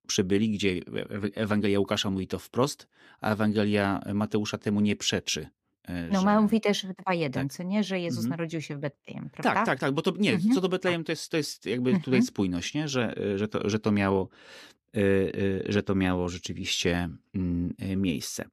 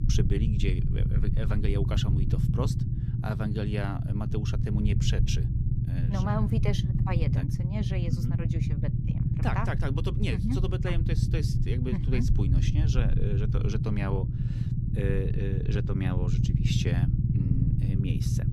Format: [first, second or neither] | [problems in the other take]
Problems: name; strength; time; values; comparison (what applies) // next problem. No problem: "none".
first | low rumble; loud; throughout; 2 dB below the speech